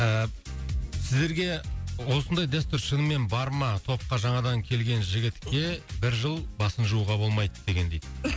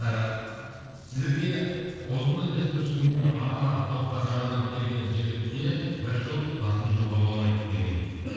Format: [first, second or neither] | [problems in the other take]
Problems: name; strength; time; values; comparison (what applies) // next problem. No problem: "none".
first | noise reduction (neural separator model SepFormer DNS4)